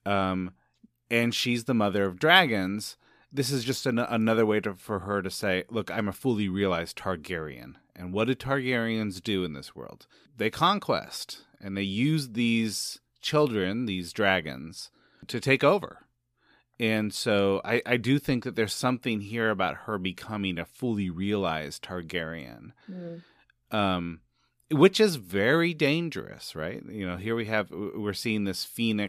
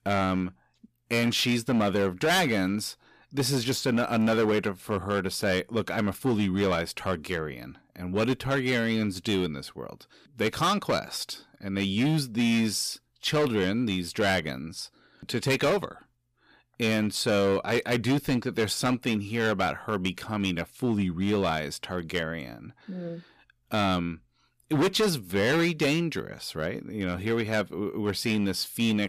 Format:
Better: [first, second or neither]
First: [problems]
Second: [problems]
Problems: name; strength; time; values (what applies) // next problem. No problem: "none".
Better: first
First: none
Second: distortion; heavy; 8% of the sound clipped